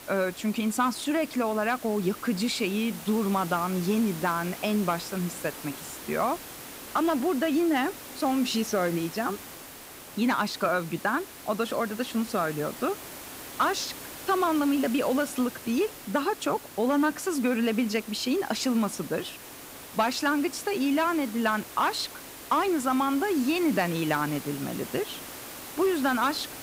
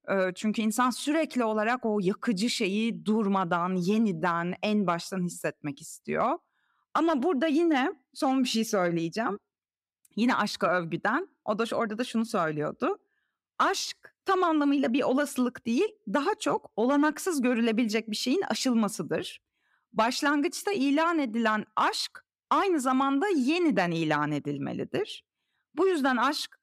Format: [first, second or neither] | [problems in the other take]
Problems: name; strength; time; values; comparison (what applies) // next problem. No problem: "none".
second | hiss; noticeable; throughout; 15 dB below the speech